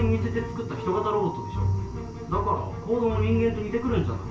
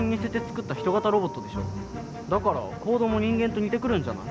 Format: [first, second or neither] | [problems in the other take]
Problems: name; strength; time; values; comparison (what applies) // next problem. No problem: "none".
second | room echo; dies away in 0.2 s